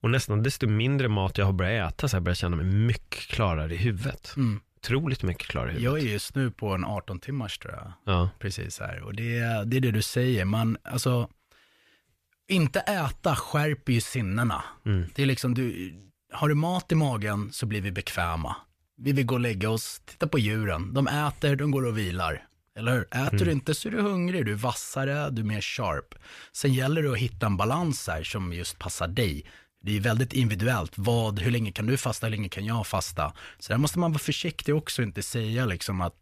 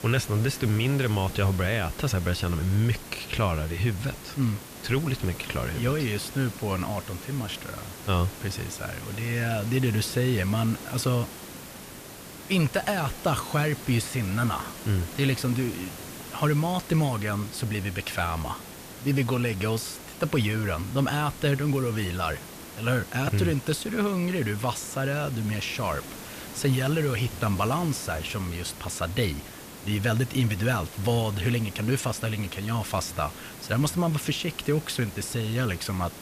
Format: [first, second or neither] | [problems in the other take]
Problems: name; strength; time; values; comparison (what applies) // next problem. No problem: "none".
first | hiss; noticeable; throughout; 15 dB below the speech